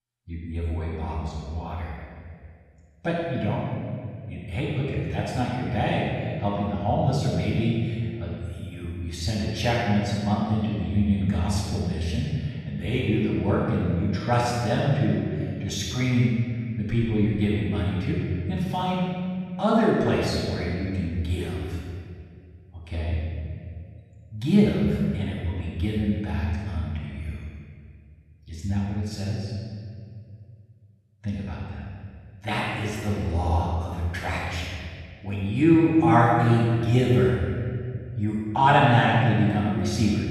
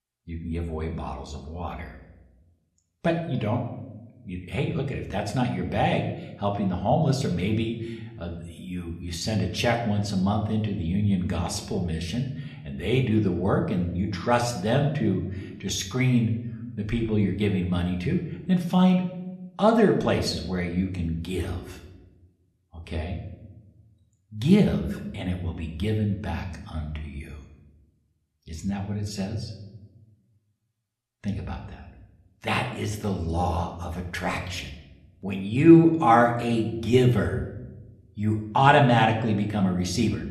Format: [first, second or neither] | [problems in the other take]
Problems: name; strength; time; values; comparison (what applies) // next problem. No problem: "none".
second | room echo; strong; dies away in 2.1 s; slight in the second // off-mic speech; far; somewhat distant in the second